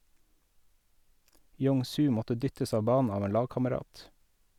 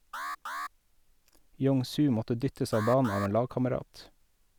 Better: first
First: none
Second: background sound (Alarm); 11 dB below the speech

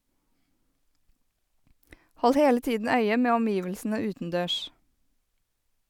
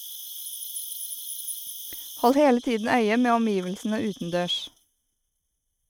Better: first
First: none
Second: noise reduction (neural mask model RNNoise)

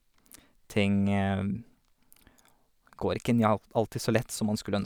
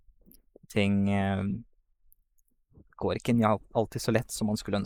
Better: first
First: none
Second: noise reduction (neural mask model Resemble Enhance denoiser)

